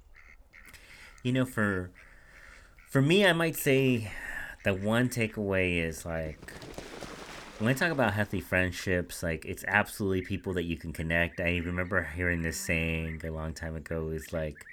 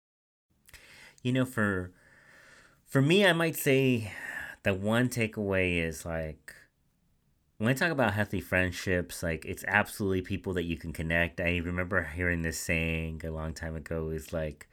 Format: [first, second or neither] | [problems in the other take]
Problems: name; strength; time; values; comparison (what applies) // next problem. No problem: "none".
second | animal sounds; faint; throughout; 20 dB below the speech